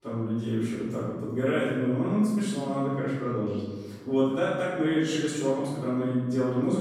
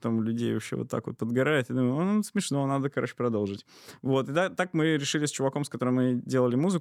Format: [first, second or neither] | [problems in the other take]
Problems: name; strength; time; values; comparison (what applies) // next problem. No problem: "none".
second | room echo; strong; dies away in 1.3 s // off-mic speech; far